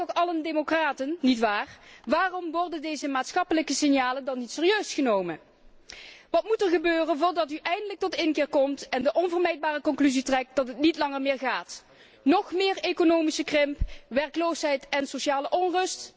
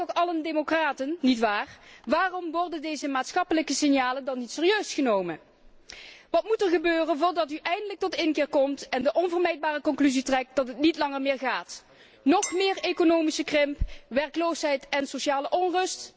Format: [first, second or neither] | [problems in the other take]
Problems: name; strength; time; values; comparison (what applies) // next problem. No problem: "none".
first | background sound (Chink, clink); 16 dB below the speech